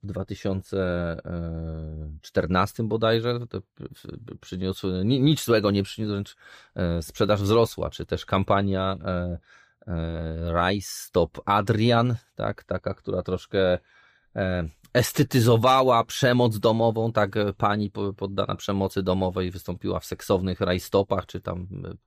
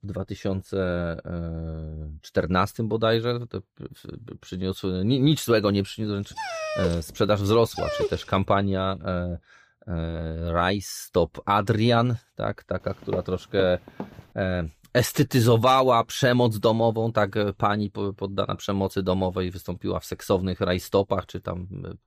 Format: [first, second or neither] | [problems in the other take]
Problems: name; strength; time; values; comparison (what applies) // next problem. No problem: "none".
first | dog barking; noticeable; from 6.5 to 8 s; peak 3 dB below the speech // footsteps; faint; from 13 to 14 s; peak 10 dB below the speech